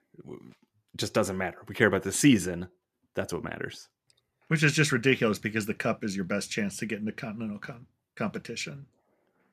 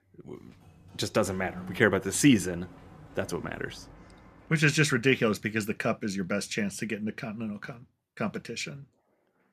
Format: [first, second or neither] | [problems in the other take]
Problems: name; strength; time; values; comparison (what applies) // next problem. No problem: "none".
first | door banging; faint; until 4.5 s; peak 15 dB below the speech